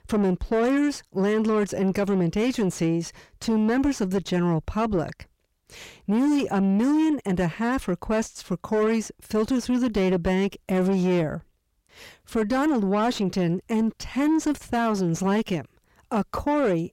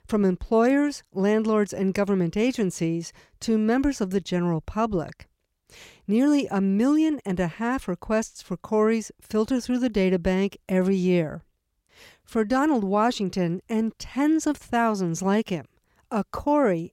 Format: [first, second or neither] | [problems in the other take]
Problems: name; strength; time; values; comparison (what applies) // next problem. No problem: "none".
second | distortion; slight; 9 dB below the speech